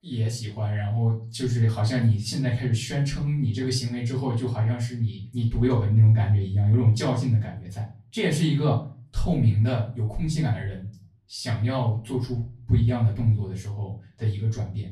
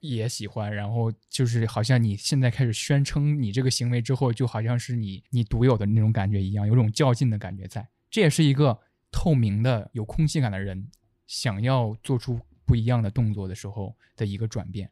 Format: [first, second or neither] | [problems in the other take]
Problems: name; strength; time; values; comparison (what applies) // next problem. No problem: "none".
second | off-mic speech; far // room echo; slight; dies away in 0.3 s